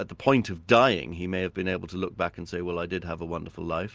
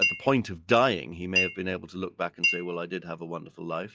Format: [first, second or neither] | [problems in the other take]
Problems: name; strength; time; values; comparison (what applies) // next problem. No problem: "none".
first | noise reduction (classical method log-MMSE)